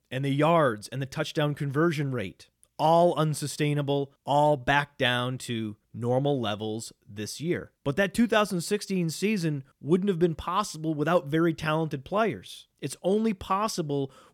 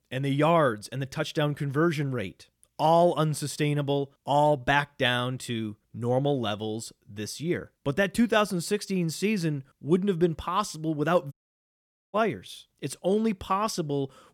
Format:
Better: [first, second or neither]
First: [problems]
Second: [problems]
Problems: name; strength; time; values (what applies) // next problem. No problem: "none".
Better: first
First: none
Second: audio cutting out; at 11 s for 1 s